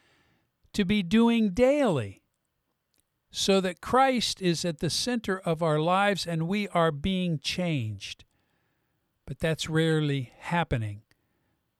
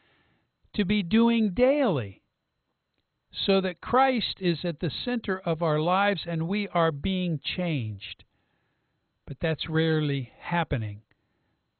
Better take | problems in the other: first | garbled, watery; badly; nothing above 4 kHz

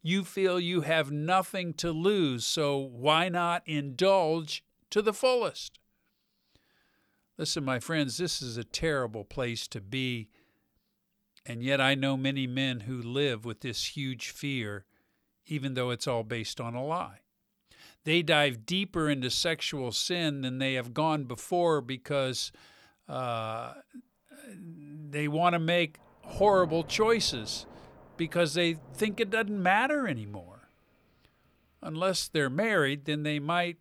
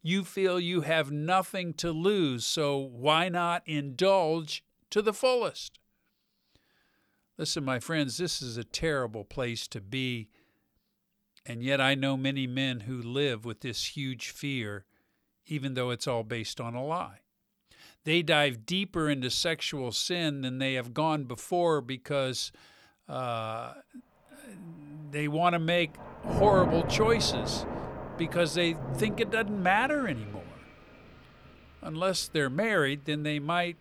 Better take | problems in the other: first | rain or running water; loud; from 24 s on; 6 dB below the speech; faint in the first

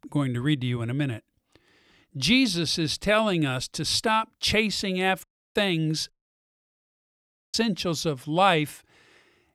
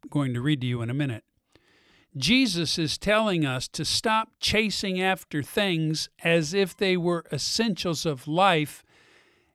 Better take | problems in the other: second | audio cutting out; at 5 s and at 6 s for 1.5 s

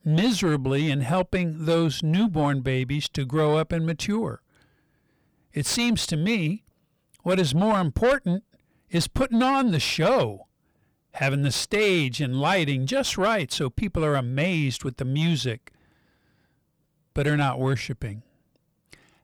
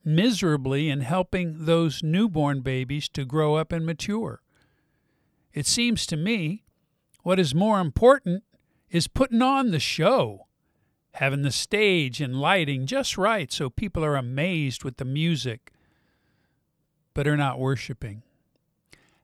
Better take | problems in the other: second | distortion; slight; 10 dB below the speech

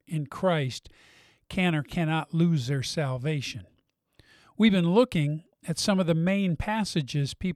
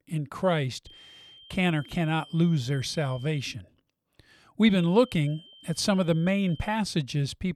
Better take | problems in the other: first | high-pitched whine; faint; from 1 to 3.5 s and from 4.5 to 7 s; 3 kHz, 20 dB below the speech

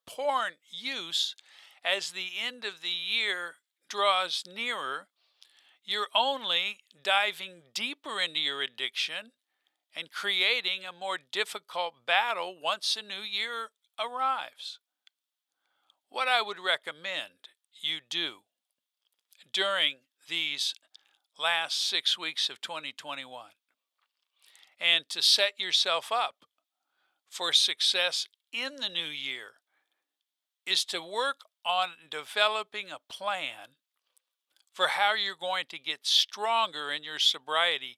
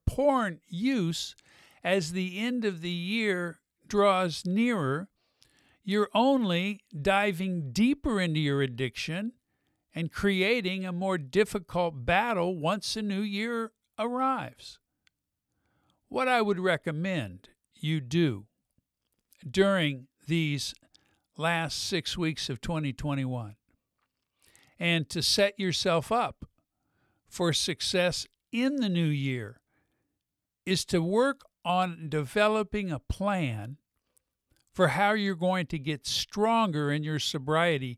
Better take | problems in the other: second | thin; very; fading below 850 Hz

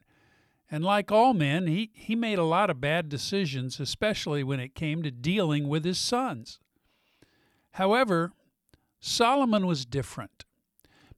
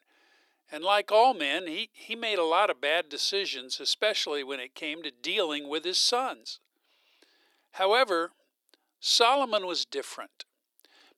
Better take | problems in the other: first | thin; very; fading below 350 Hz

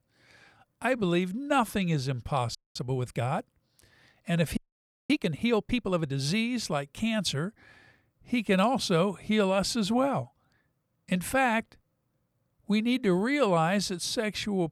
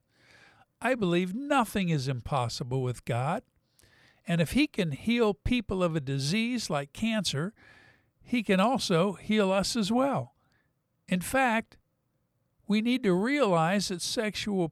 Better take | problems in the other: second | audio freezing; at 2.5 s and at 4.5 s for 0.5 s

